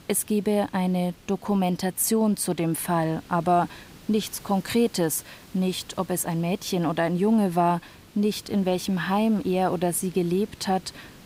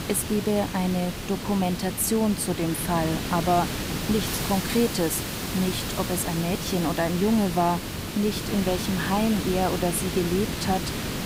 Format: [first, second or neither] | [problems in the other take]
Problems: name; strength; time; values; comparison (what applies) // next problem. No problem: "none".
first | hiss; loud; throughout; 4 dB below the speech; faint in the first